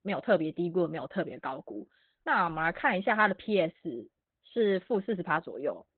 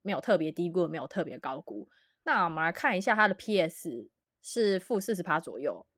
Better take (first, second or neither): second